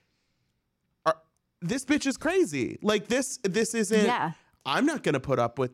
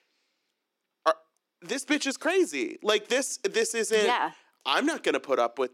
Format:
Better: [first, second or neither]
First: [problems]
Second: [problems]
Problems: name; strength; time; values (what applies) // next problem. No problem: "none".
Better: first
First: none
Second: thin; very slightly; fading below 300 Hz